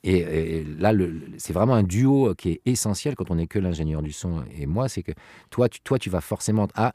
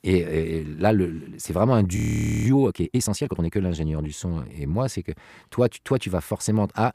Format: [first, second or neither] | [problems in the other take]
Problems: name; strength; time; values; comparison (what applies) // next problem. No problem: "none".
first | audio freezing; at 2 s